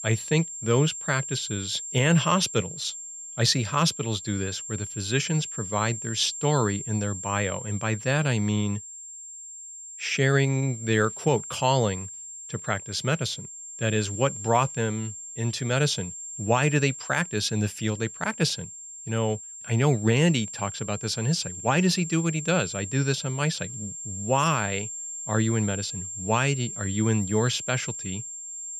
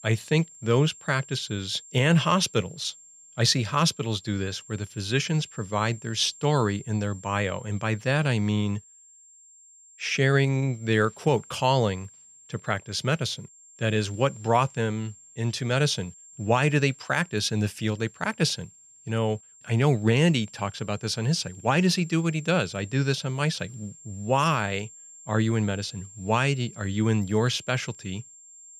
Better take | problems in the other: second | high-pitched whine; loud; throughout; 7.5 kHz, 9 dB below the speech; faint in the second

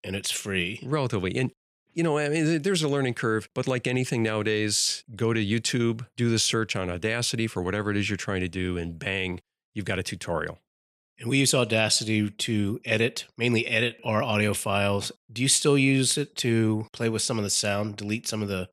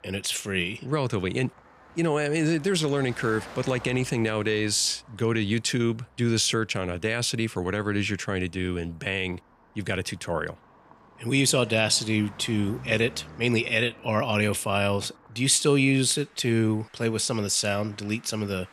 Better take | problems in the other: first | traffic noise; faint; throughout; 25 dB below the speech

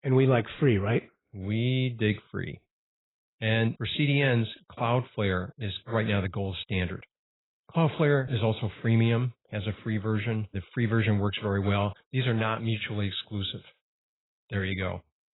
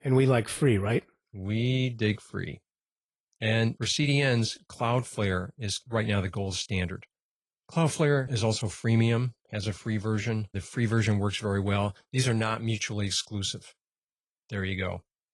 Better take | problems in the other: second | garbled, watery; badly; nothing above 4 kHz; slightly in the second

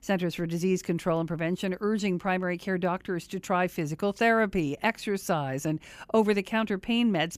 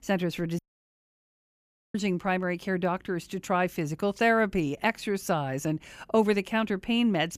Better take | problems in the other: first | audio cutting out; at 0.5 s for 1.5 s

